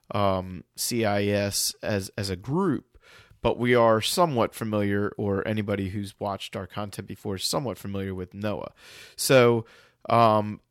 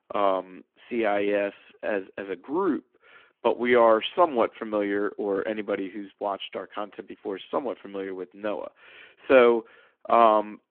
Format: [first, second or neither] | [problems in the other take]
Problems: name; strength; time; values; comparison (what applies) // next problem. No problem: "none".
first | phone-call audio